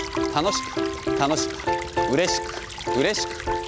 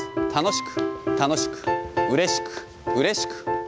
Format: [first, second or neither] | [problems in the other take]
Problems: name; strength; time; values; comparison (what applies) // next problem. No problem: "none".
second | background sound (Stream / Trickle, dribble); 11 dB below the speech